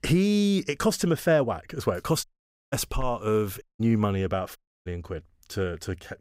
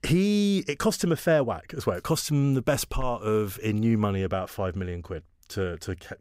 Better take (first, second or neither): second